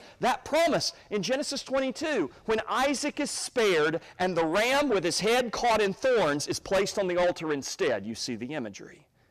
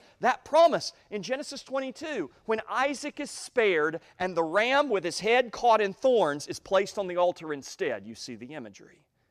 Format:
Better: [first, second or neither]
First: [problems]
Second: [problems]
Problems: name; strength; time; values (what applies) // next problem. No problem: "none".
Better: second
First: distortion; heavy; 6 dB below the speech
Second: none